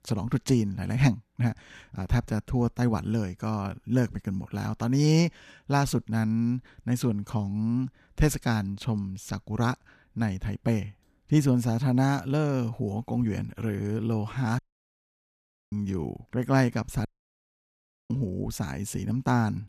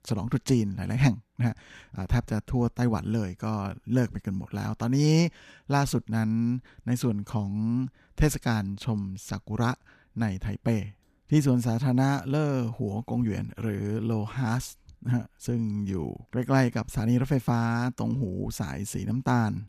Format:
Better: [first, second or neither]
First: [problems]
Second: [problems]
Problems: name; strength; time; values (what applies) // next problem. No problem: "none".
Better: second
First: audio cutting out; at 15 s for 1 s and at 17 s for 1 s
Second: none